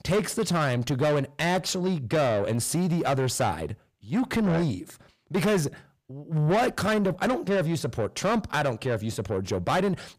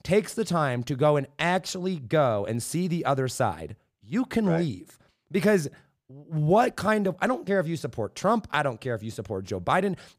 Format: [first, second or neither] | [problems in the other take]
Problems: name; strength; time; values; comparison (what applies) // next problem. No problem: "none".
second | distortion; heavy; 8 dB below the speech